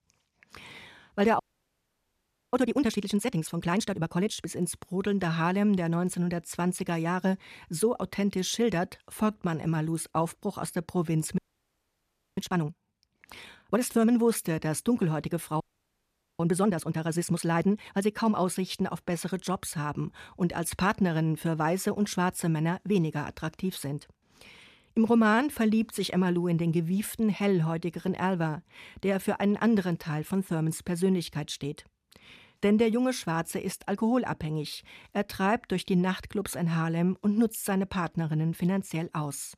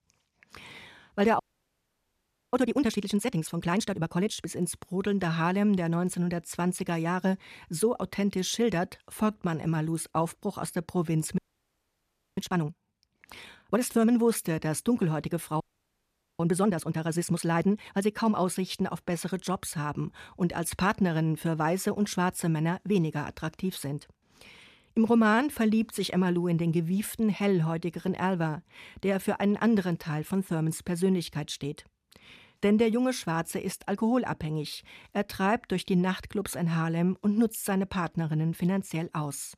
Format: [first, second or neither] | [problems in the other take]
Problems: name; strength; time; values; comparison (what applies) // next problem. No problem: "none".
neither | audio freezing; at 1.5 s for 1 s, at 11 s for 1 s and at 16 s for 1 s; the same in both